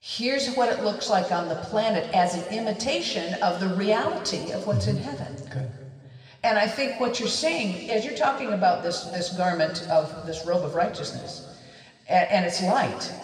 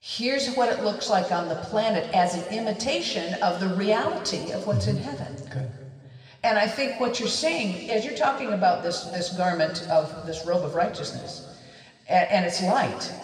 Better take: neither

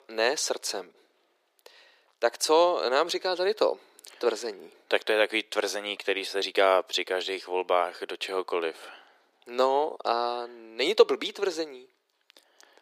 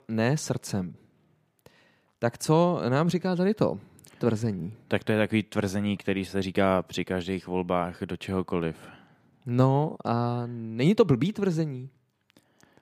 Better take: second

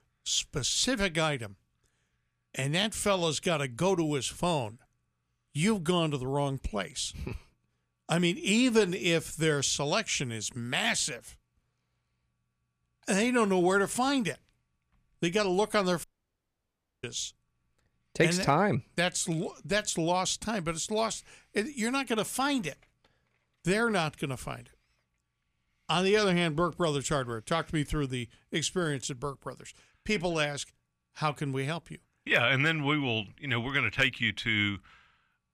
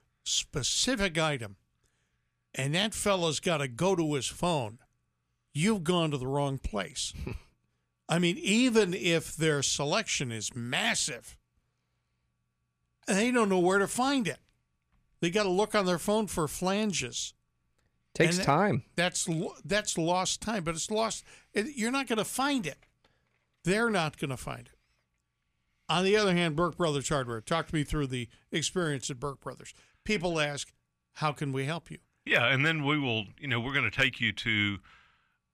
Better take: second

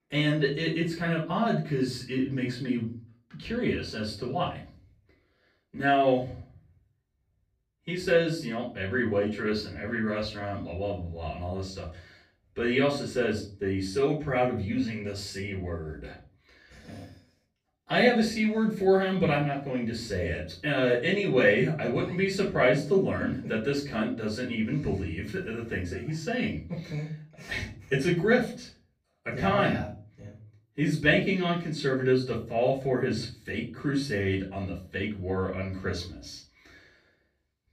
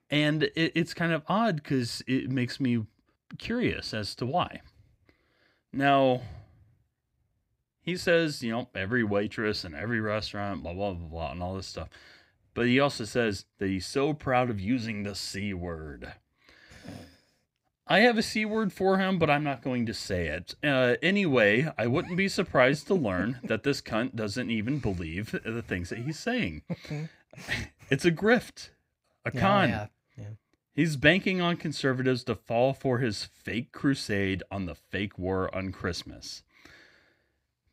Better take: second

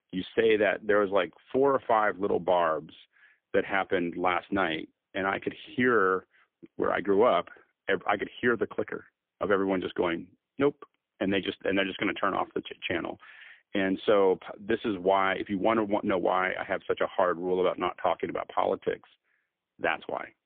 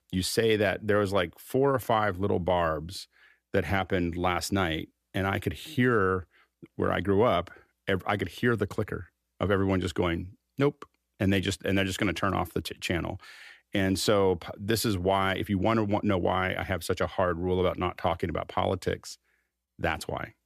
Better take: second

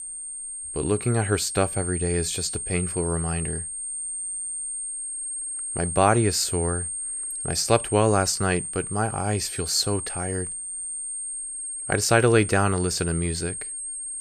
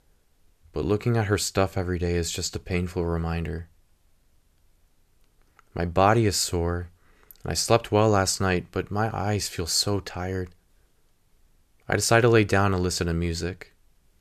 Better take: second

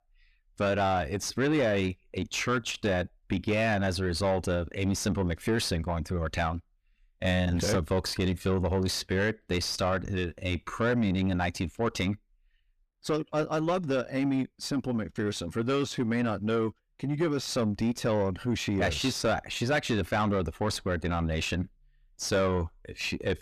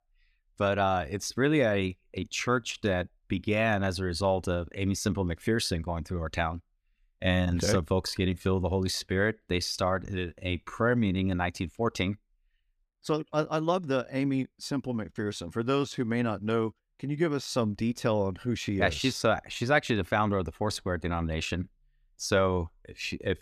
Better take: second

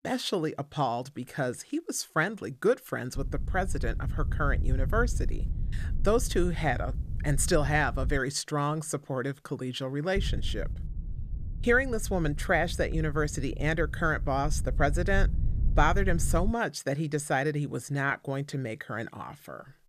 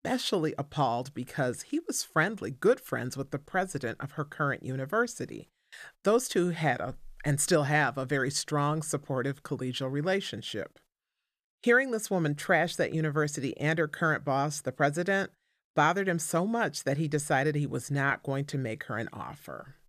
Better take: second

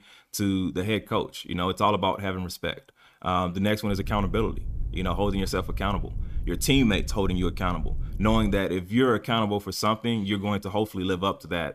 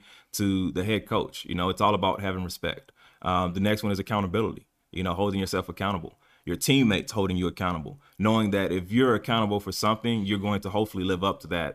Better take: second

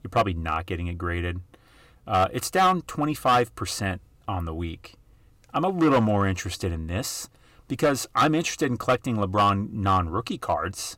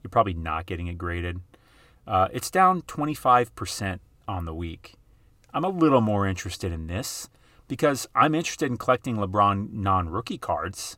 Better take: second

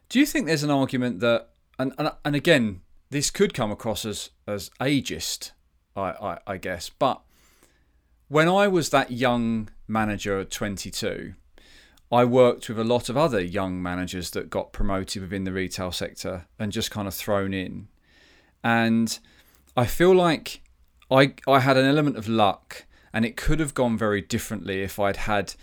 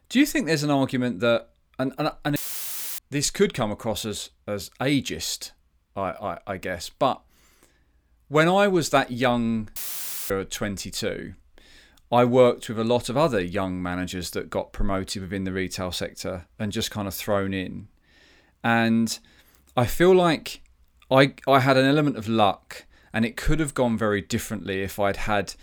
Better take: first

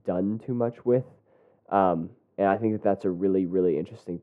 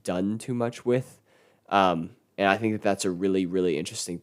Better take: second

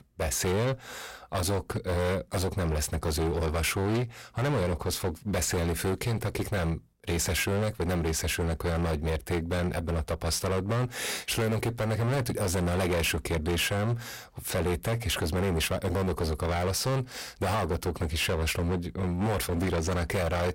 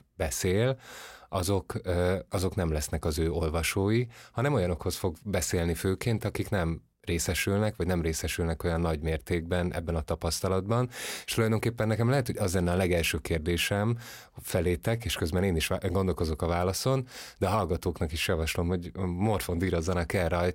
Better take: second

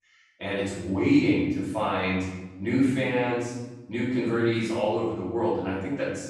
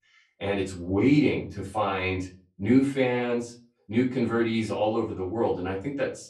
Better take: second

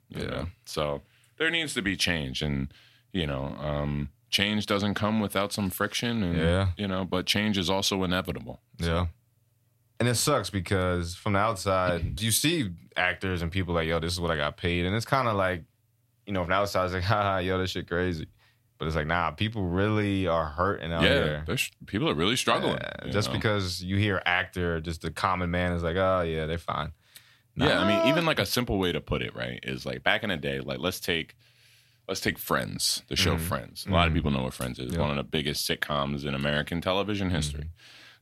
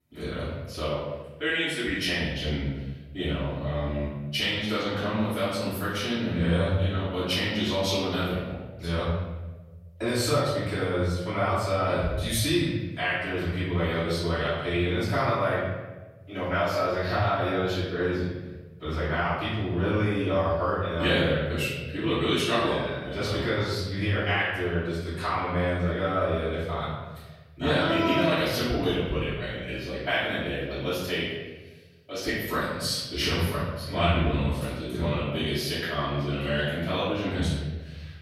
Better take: first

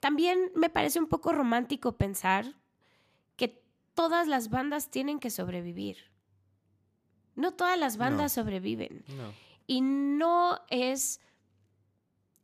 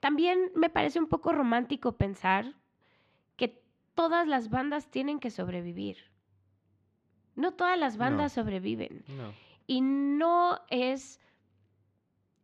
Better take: first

